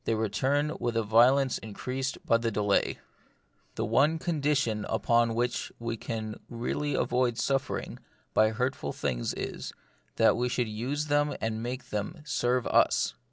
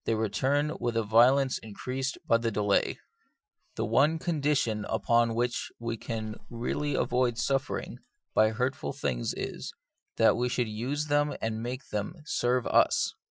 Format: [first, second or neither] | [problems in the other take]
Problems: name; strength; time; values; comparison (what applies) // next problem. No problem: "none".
first | noise reduction (classical method Wiener filter)